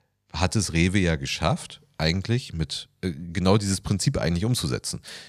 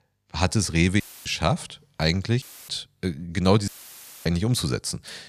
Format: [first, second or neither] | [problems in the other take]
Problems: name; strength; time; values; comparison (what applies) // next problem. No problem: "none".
first | audio cutting out; filled with static; at 1 s, at 2.5 s and at 3.5 s for 0.5 s